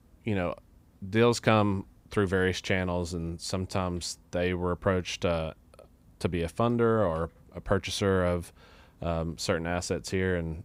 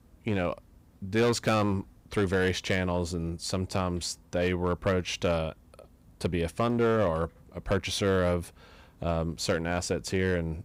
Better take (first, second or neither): first